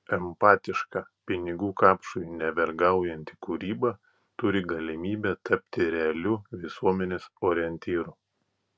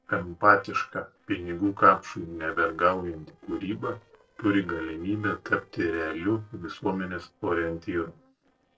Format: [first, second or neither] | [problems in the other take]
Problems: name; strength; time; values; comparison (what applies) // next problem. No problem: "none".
first | noise reduction (neural separator model SepFormer DNS4)